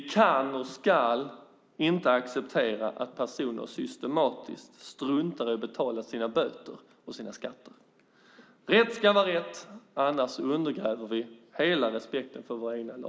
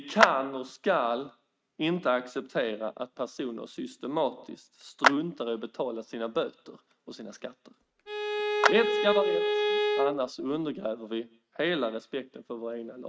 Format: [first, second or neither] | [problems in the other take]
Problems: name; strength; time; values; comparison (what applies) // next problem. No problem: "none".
first | noise reduction (neural mask model RNNoise)